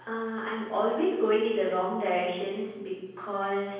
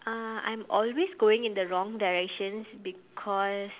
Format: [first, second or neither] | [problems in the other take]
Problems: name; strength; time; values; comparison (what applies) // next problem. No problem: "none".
second | room echo; dies away in 1.1 s